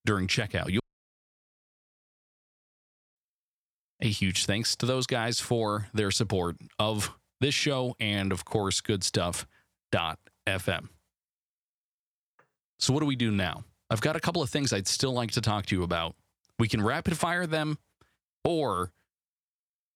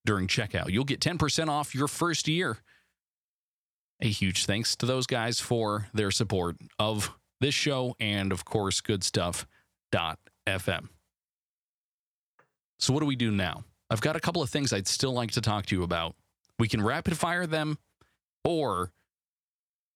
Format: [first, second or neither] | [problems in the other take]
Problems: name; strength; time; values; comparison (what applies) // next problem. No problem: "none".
second | audio cutting out; at 1 s for 2.5 s